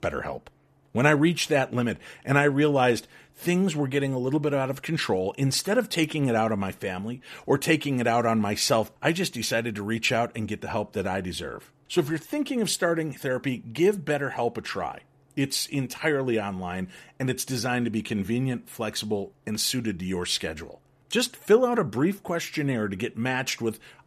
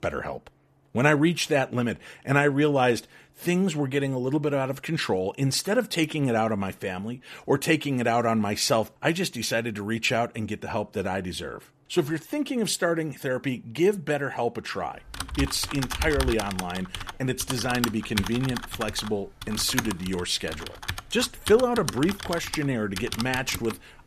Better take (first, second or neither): first